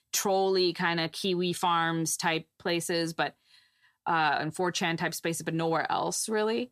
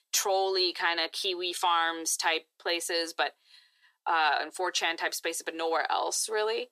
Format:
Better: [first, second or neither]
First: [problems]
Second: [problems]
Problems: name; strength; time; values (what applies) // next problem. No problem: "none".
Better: first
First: none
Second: thin; very; fading below 400 Hz